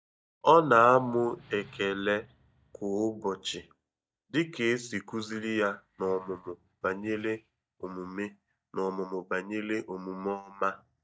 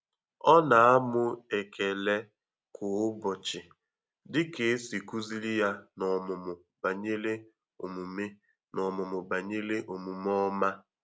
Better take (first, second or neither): second